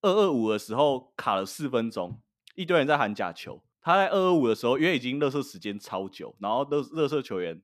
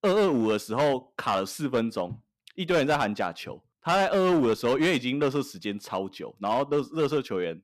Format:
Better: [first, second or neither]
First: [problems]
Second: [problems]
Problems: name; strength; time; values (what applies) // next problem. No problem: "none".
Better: first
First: none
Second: distortion; slight; 9% of the sound clipped